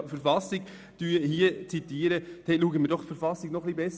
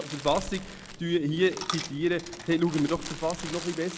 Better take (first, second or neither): first